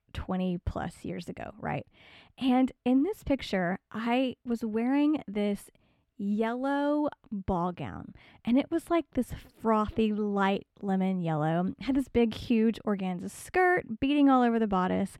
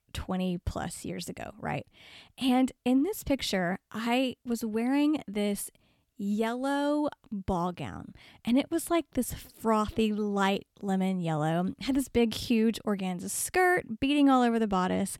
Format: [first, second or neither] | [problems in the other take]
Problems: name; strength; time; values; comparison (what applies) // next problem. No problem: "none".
second | muffled; slightly; fading above 4 kHz